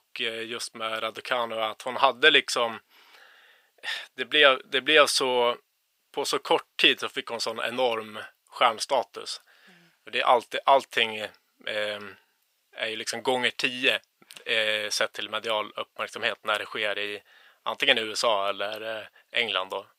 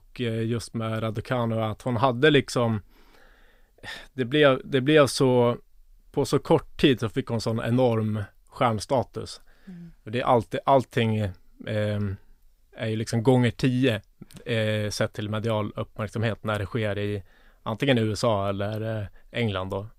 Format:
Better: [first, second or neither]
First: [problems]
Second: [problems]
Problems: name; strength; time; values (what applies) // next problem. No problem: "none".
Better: second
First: thin; very; fading below 650 Hz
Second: none